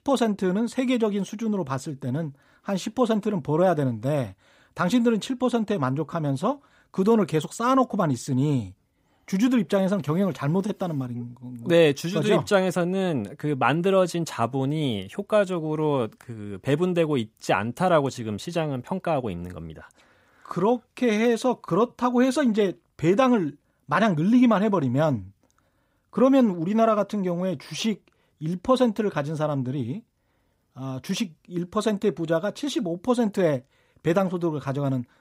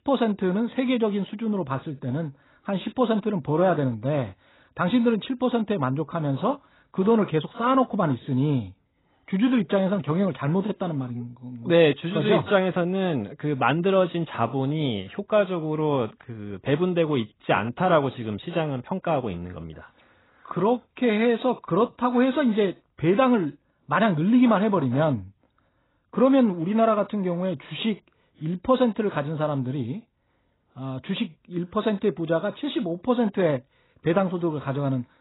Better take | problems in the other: first | garbled, watery; badly; nothing above 4 kHz

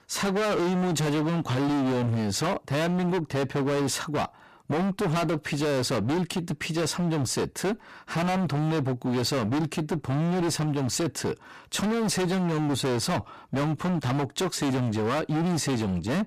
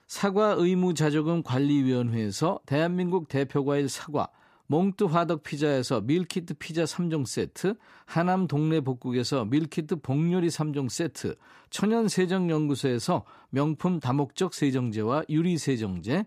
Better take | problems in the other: second | distortion; heavy; 38% of the sound clipped

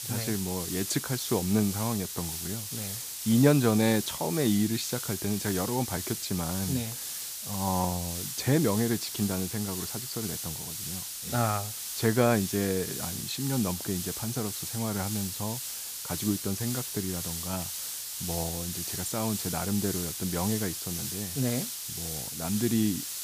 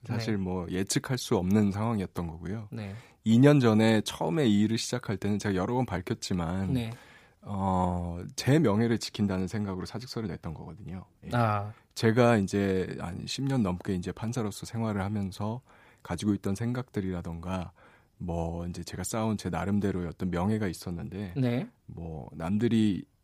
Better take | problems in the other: second | hiss; loud; throughout; 3 dB below the speech

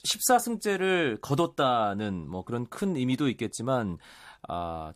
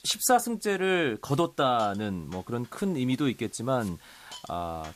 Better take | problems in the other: first | hiss; faint; throughout; 25 dB below the speech

